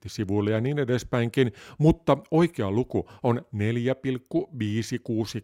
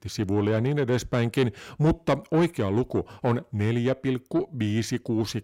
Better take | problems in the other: first | distortion; slight; 10 dB below the speech

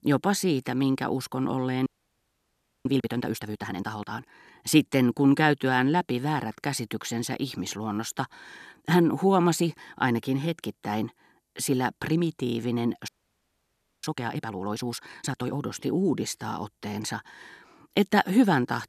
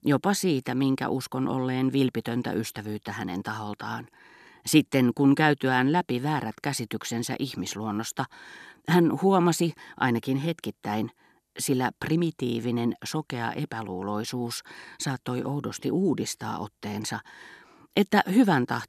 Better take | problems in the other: second | audio freezing; at 2 s for 1 s and at 13 s for 1 s

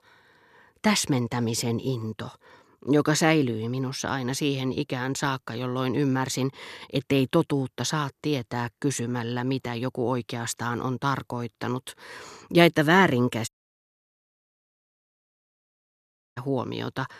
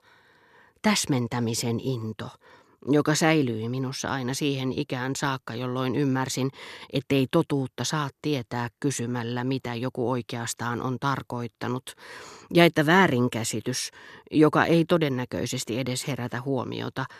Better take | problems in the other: second | audio cutting out; at 13 s for 3 s

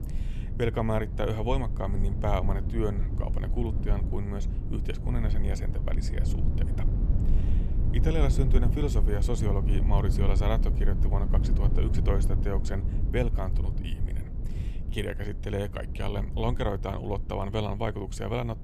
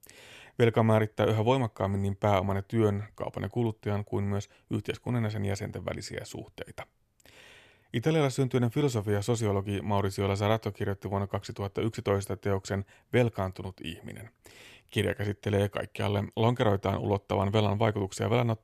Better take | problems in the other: second | low rumble; loud; throughout; 9 dB below the speech

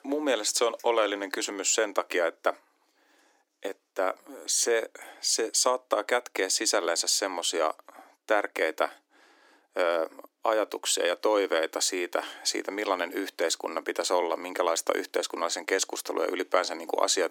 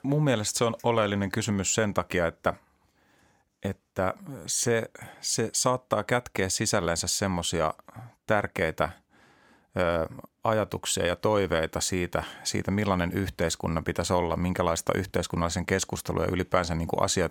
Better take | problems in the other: second | thin; somewhat; fading below 300 Hz

